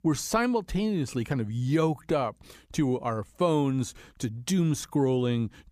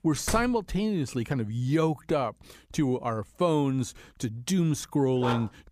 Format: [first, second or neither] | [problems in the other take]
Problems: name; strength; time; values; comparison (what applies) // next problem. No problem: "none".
first | door banging; noticeable; at the start; peak 7 dB below the speech // dog barking; noticeable; at 5 s; peak 6 dB below the speech